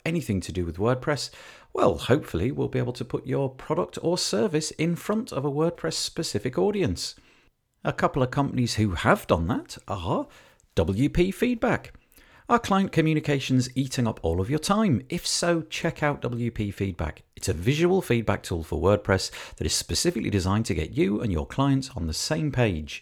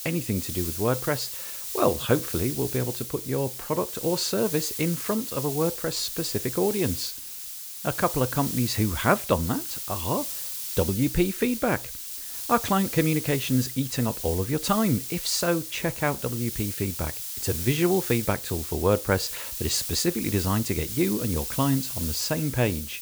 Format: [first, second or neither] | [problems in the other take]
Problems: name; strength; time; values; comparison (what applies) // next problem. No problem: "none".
first | hiss; loud; throughout; 5 dB below the speech